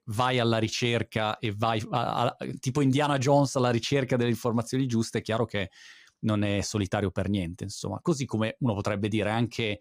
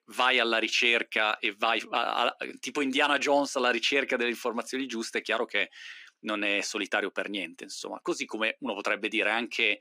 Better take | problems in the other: first | thin; somewhat; fading below 250 Hz

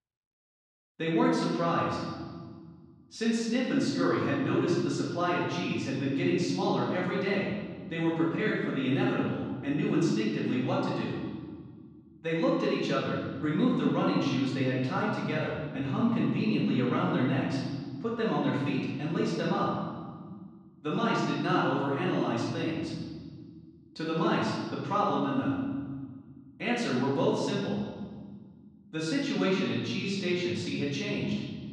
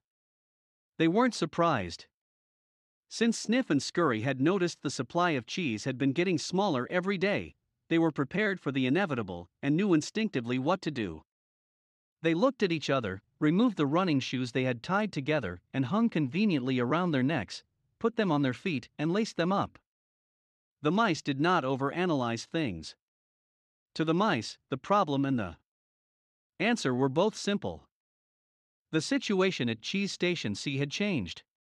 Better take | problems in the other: second | off-mic speech; far // room echo; noticeable; dies away in 1.7 s

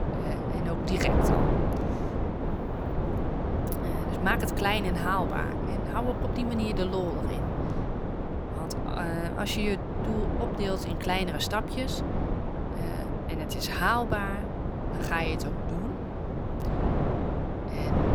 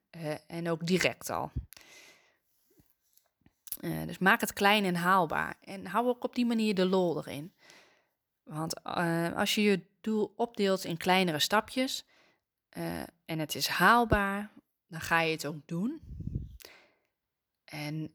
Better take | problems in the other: second | wind noise on the microphone; heavy; 3 dB below the speech

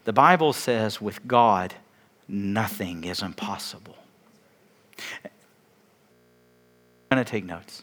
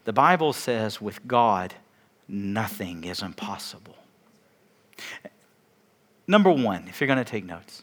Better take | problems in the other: second | audio freezing; at 6 s for 1 s

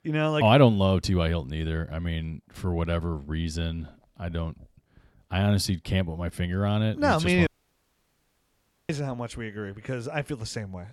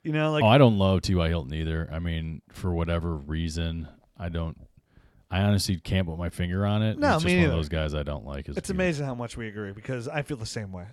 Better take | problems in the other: second | audio cutting out; at 7.5 s for 1.5 s

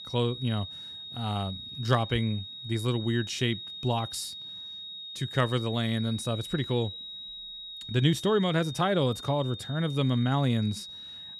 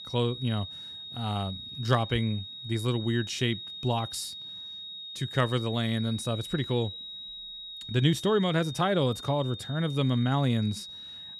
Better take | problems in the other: neither | high-pitched whine; loud; throughout; 3.5 kHz, 10 dB below the speech; the same in both

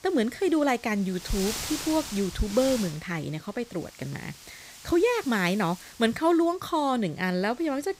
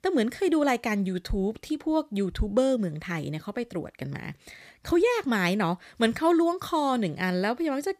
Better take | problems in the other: second | wind noise on the microphone; occasional gusts; 10 dB below the speech

